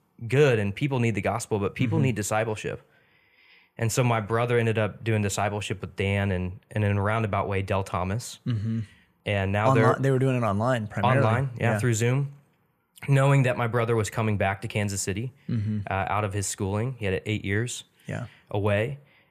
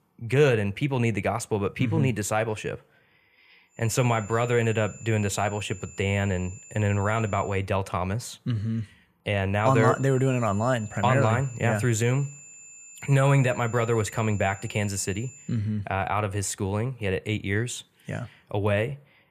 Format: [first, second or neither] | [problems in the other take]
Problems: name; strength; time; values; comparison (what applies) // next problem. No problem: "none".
first | high-pitched whine; noticeable; from 4 to 7.5 s and from 9.5 to 15 s; 7 kHz, 20 dB below the speech